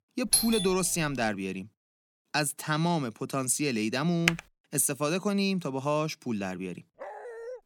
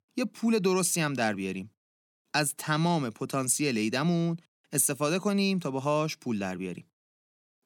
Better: second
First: doorbell; loud; at 0.5 s; peak 4 dB above the speech // keyboard typing; very faint; at 4.5 s; peak level with the speech // dog barking; faint; at 7 s; peak 10 dB below the speech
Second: none

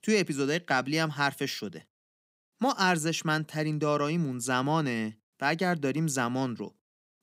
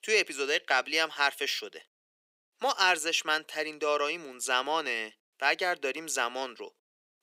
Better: first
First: none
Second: thin; very; fading below 450 Hz

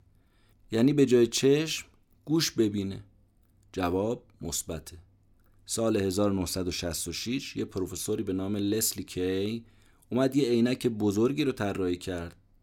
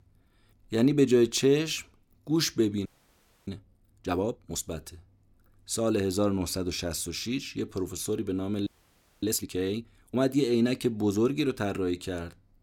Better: first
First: none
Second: audio freezing; at 3 s for 0.5 s and at 8.5 s for 0.5 s

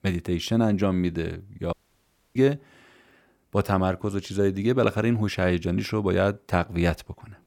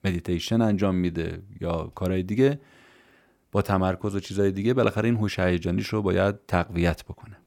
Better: second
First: audio cutting out; at 1.5 s for 0.5 s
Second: none

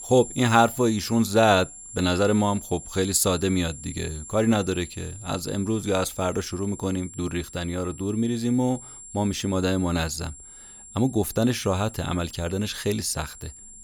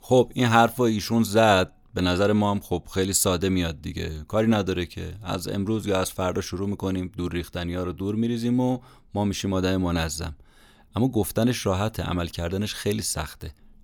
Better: second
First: high-pitched whine; noticeable; throughout; 7.5 kHz, 15 dB below the speech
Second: none

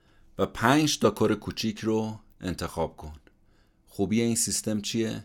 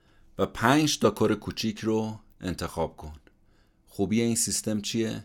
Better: neither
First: none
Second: none

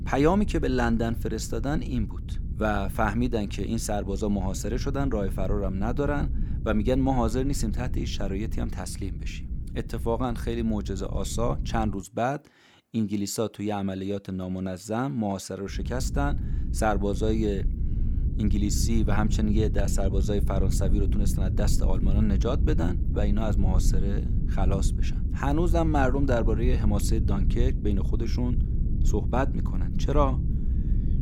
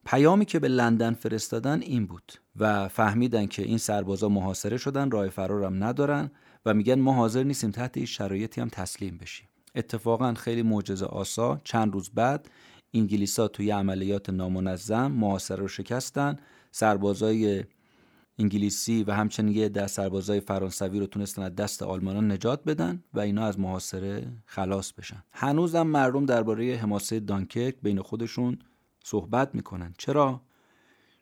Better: second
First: low rumble; noticeable; until 12 s and from 16 s on; 15 dB below the speech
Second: none

